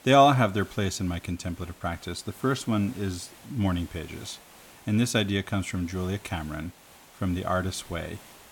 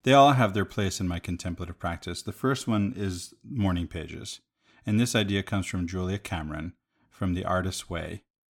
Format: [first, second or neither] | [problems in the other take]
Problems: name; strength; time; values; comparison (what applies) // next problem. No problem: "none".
second | hiss; faint; throughout; 20 dB below the speech